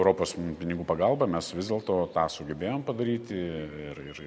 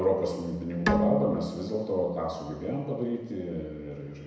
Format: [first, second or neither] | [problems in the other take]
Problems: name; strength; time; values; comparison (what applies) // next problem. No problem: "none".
first | background sound (Bowed string instrument); 3 dB below the speech // room echo; dies away in 1 s